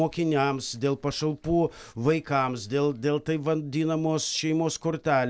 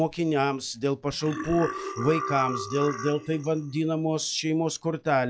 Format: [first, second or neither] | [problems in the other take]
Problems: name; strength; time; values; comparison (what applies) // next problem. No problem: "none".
first | noise reduction (classical method log-MMSE)